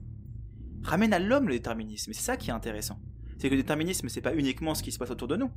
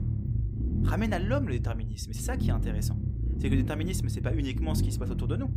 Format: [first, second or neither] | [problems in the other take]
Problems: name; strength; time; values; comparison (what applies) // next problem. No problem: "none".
first | low rumble; loud; throughout; 5 dB below the speech; faint in the first